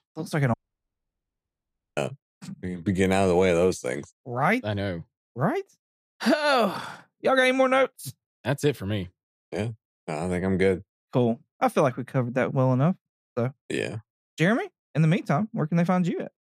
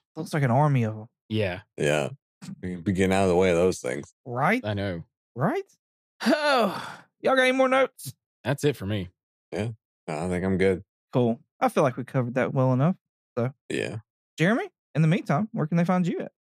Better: second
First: audio cutting out; at 0.5 s for 1.5 s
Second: none

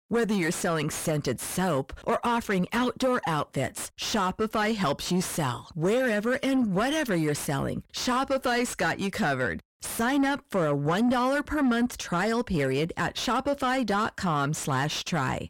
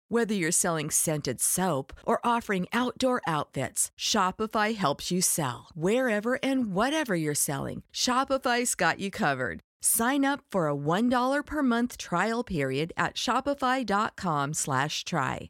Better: second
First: distortion; heavy; 7 dB below the speech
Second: none

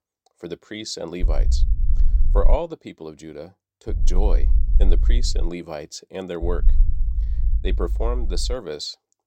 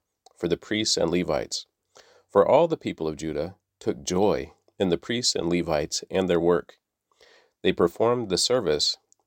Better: second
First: low rumble; noticeable; from 1 to 2.5 s, from 4 to 5.5 s and from 6.5 to 8.5 s; 15 dB below the speech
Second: none

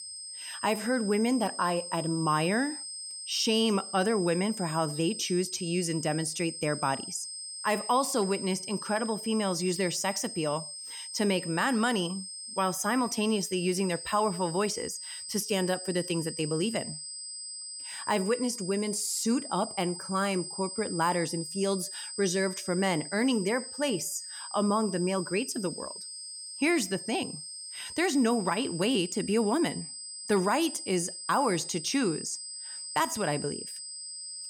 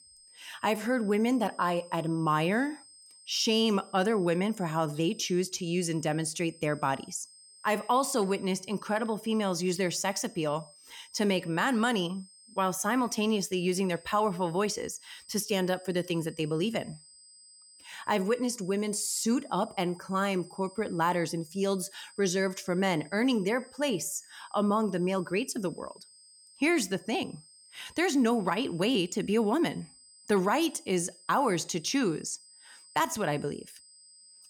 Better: second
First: high-pitched whine; loud; throughout; 8.5 kHz, 8 dB below the speech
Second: high-pitched whine; faint; throughout; 8.5 kHz, 25 dB below the speech

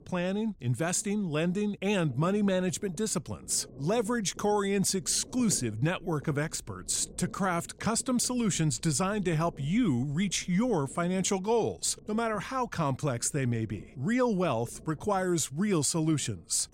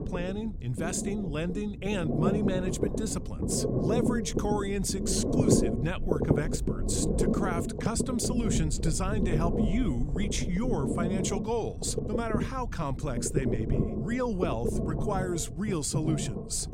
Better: first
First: low rumble; faint; throughout; 25 dB below the speech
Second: low rumble; loud; throughout; 1 dB below the speech

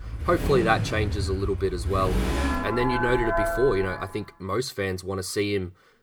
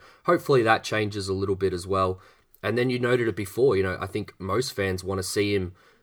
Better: second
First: traffic noise; loud; until 4 s; 2 dB below the speech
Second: none

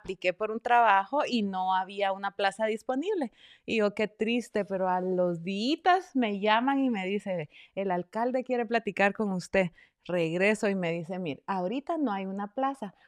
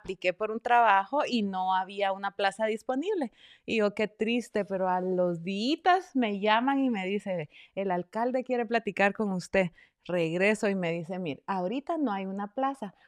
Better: neither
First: none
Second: none

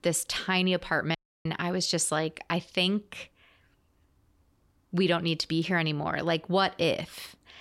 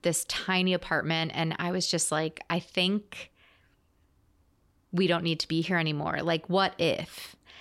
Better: second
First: audio cutting out; at 1 s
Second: none

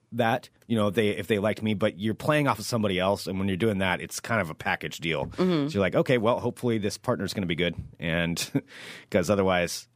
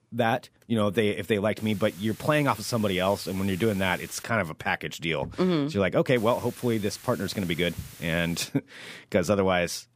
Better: first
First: none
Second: hiss; noticeable; from 1.5 to 4 s and from 6 to 8.5 s; 20 dB below the speech

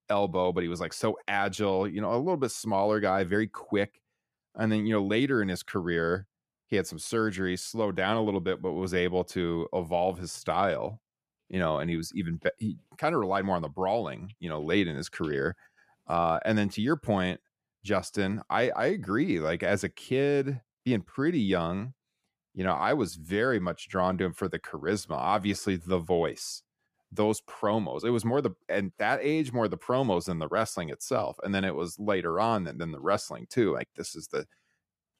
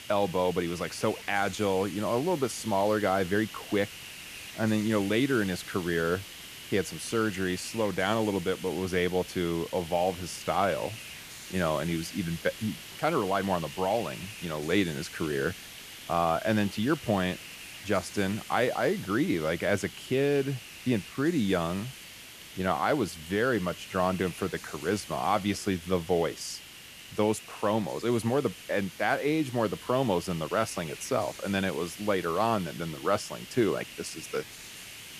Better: first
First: none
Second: hiss; noticeable; throughout; 15 dB below the speech

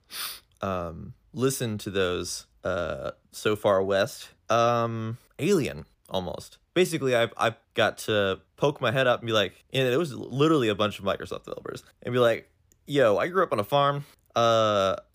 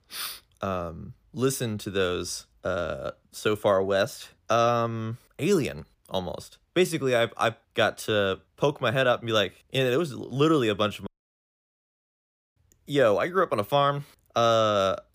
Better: first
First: none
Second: audio cutting out; at 11 s for 1.5 s

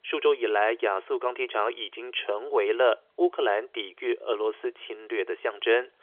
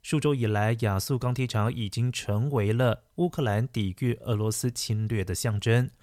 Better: second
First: phone-call audio; nothing above 3.5 kHz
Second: none

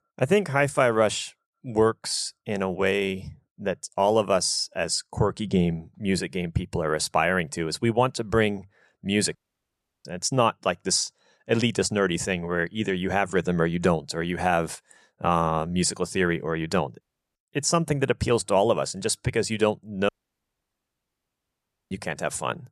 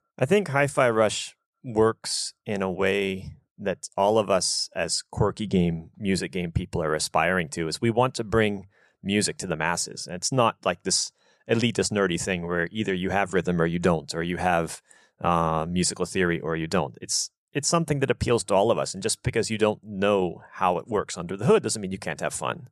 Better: second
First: audio cutting out; at 9.5 s for 0.5 s, at 17 s and at 20 s for 2 s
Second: none

